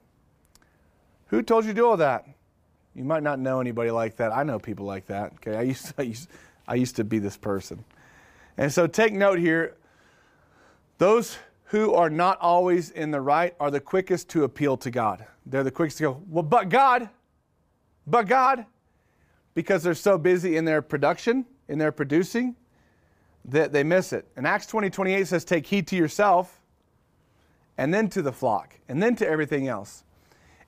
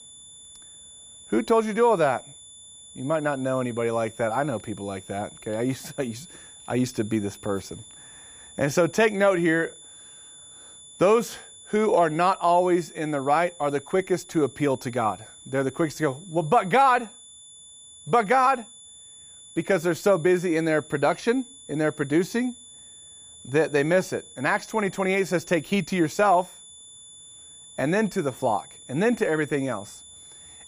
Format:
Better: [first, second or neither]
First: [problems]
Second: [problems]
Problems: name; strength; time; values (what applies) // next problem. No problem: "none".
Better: first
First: none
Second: high-pitched whine; noticeable; throughout; 3.5 kHz, 20 dB below the speech